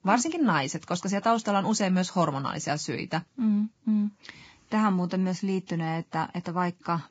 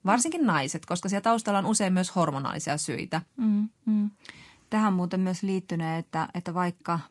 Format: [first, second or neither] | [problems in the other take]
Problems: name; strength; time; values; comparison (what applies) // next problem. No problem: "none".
second | garbled, watery; badly; nothing above 7.5 kHz; slightly in the second